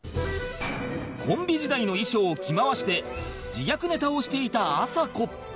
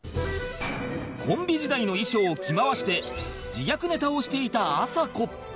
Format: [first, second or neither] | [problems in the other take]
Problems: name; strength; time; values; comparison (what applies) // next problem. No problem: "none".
first | background sound (Bird); 17 dB below the speech